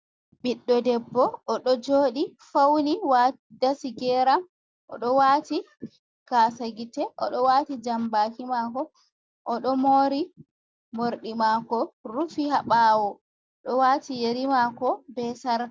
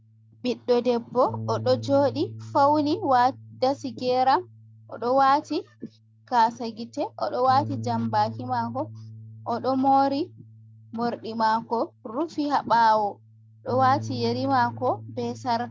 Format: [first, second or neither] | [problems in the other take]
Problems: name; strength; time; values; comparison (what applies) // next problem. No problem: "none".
first | background sound (Bass guitar); 14 dB below the speech